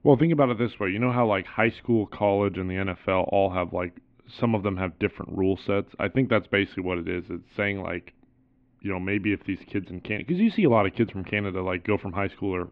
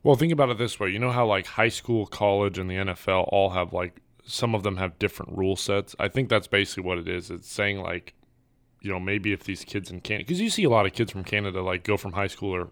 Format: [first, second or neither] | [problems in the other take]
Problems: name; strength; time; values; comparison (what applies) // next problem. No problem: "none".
second | muffled; very; fading above 2.5 kHz